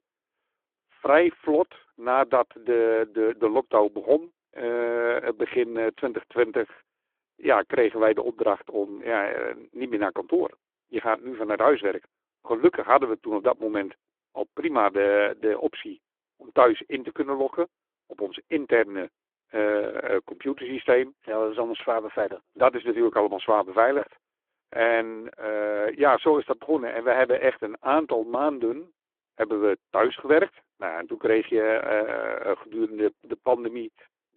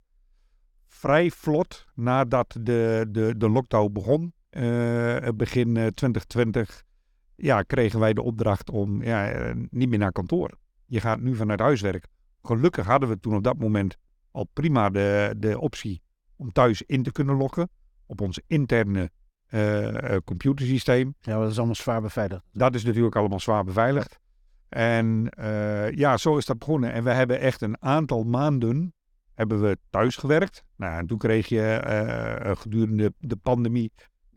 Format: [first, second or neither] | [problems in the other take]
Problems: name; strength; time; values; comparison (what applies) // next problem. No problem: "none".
second | phone-call audio